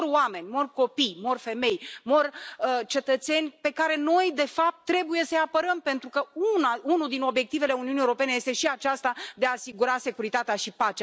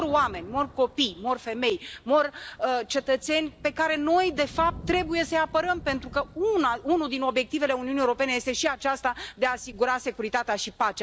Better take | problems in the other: first | background sound (Thunder); 19 dB below the speech

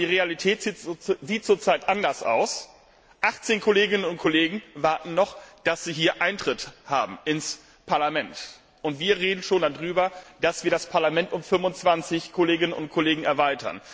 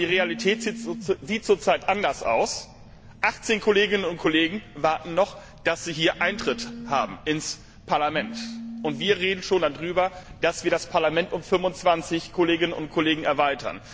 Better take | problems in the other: first | background sound (Telephone); 16 dB below the speech

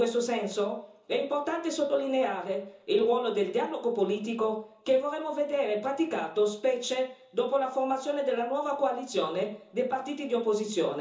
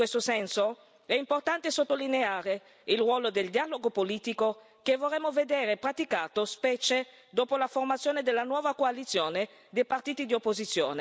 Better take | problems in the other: second | room echo; dies away in 0.8 s

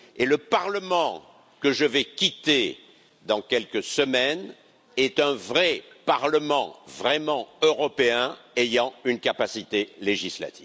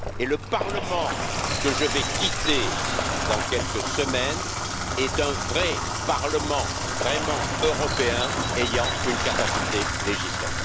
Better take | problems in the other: first | background sound (Bathtub (filling or washing) / Water tap, faucet + Bird); 2 dB above the speech

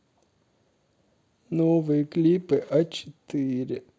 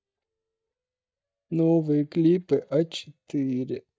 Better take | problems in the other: first | noise reduction (neural mask model DeepFilterNet 3)

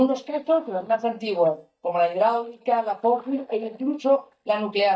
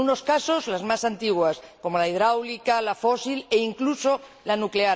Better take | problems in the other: second | noise reduction (neural mask model DeepFilterNet 3)

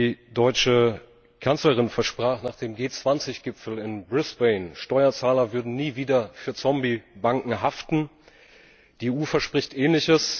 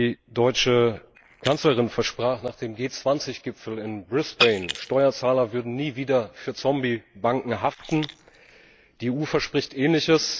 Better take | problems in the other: first | noise reduction (neural mask model Resemble Enhance denoiser)

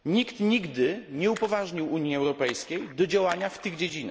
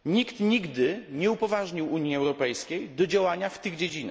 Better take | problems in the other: second | background sound (Splash, splatter); 20 dB below the speech

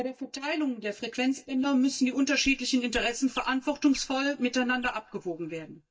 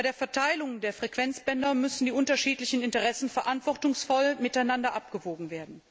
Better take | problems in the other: second | noise reduction (neural mask model DeepFilterNet 3)

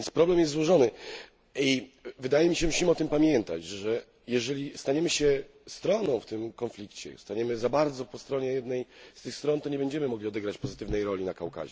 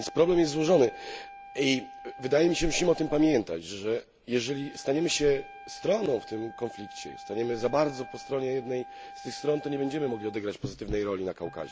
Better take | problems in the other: first | background sound (Wind instrument, woodwind instrument); 17 dB below the speech

